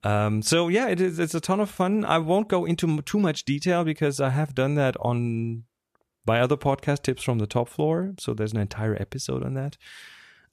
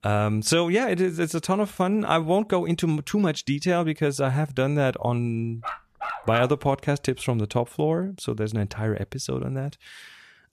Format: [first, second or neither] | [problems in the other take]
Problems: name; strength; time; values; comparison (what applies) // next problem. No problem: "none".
first | dog barking; noticeable; at 5.5 s; peak 6 dB below the speech